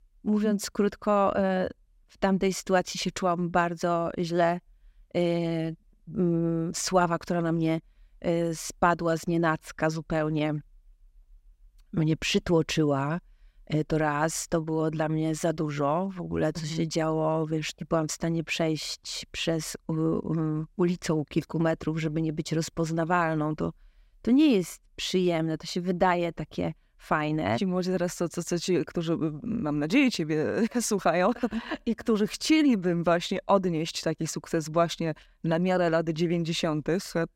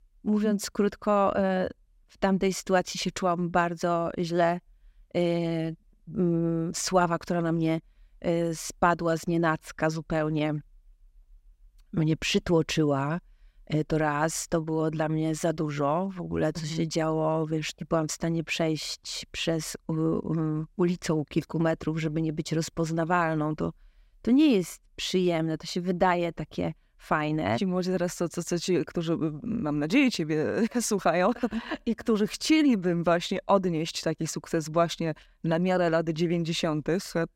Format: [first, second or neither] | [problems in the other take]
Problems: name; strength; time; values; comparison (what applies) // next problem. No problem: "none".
neither | none